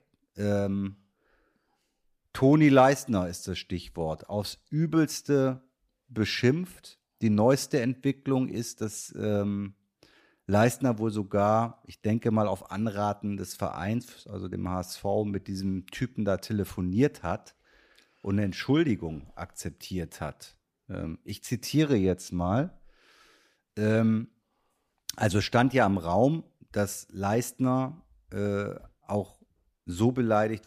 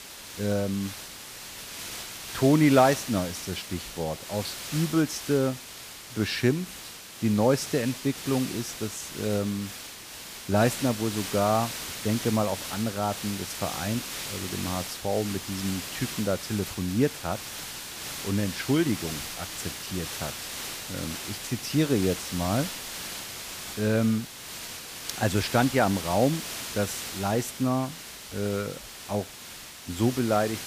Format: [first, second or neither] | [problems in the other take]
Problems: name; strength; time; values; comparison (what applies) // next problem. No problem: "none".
first | hiss; loud; throughout; 8 dB below the speech